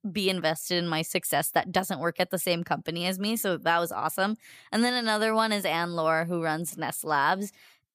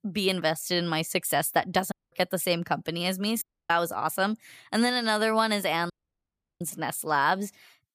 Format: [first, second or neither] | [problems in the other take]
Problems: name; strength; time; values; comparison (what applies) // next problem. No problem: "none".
first | audio cutting out; at 2 s, at 3.5 s and at 6 s for 0.5 s